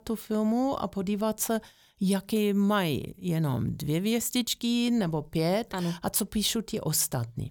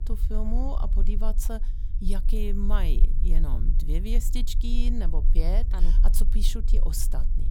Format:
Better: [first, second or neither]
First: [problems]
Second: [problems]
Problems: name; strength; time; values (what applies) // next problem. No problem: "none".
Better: first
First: none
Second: low rumble; noticeable; throughout; 10 dB below the speech